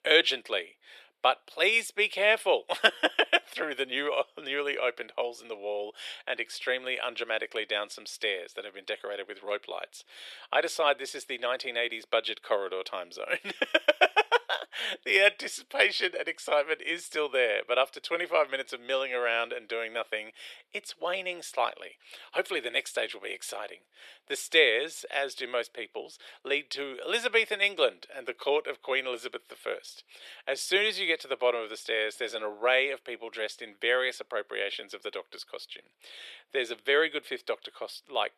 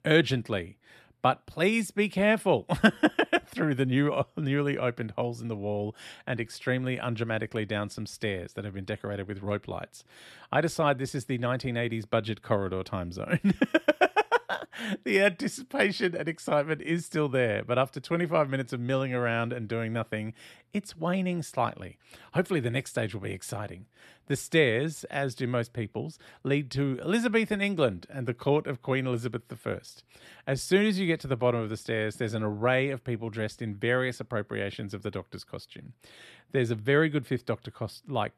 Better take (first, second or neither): second